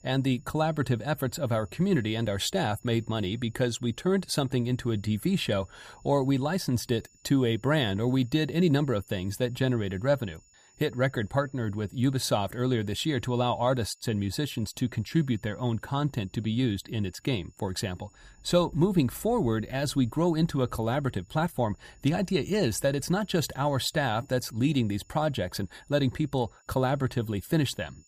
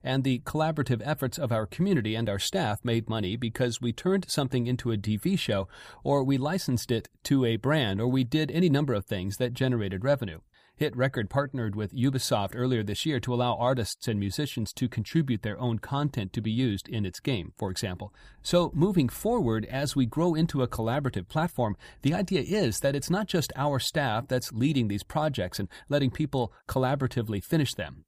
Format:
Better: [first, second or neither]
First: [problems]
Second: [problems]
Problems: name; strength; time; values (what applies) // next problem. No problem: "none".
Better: second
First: high-pitched whine; faint; throughout; 7 kHz, 30 dB below the speech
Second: none